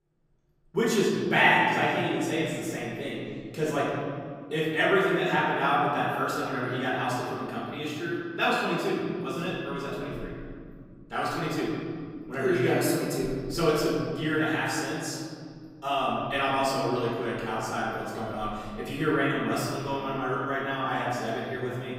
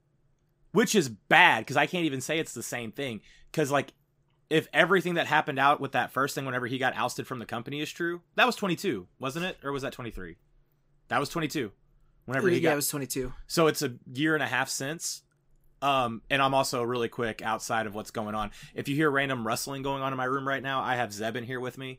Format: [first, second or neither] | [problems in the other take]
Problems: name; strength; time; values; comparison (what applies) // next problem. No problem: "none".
second | off-mic speech; far // room echo; noticeable; dies away in 2.3 s